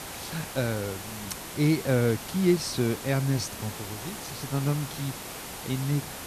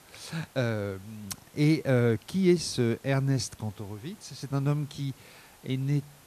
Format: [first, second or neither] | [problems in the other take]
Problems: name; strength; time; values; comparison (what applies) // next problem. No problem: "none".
second | hiss; loud; throughout; 9 dB below the speech; faint in the second